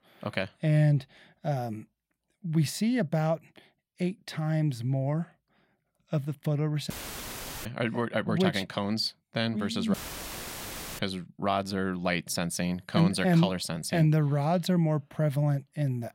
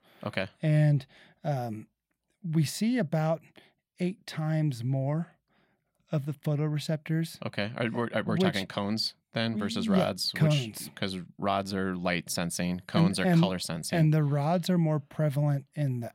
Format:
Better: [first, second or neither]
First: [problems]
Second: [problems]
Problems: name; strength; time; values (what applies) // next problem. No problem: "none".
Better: second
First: audio cutting out; filled with static; at 7 s for 1 s and at 10 s for 1 s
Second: none